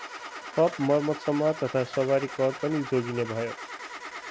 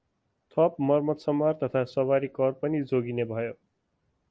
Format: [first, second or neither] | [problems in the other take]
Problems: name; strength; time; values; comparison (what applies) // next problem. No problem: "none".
second | background sound (Engine starting / Car); 12 dB below the speech